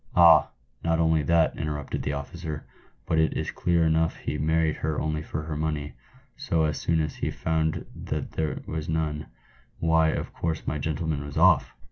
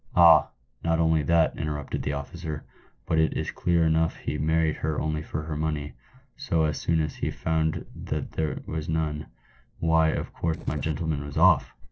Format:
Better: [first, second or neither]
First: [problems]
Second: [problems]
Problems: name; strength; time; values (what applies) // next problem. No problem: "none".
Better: first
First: none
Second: noise reduction (neural separator model SepFormer DNS4)